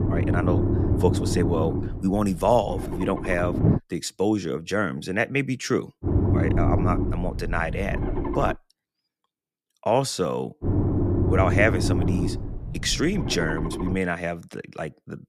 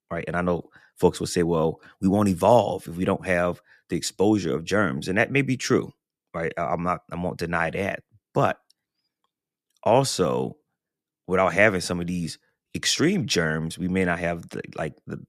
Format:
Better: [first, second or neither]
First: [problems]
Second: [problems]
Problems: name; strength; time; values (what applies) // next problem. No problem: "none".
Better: second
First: low rumble; loud; until 4 s, from 6 to 8.5 s and from 11 to 14 s; 6 dB below the speech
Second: none